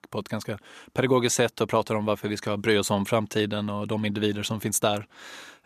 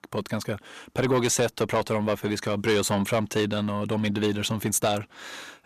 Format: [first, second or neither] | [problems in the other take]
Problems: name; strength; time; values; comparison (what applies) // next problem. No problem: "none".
first | distortion; slight; 10 dB below the speech